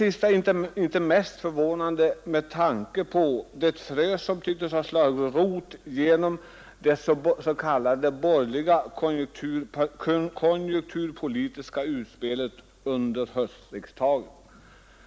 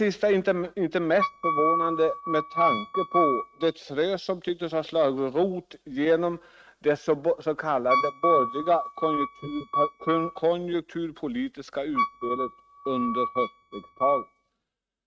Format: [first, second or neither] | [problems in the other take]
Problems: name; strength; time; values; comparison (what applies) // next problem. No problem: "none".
first | noise reduction (neural mask model RNNoise)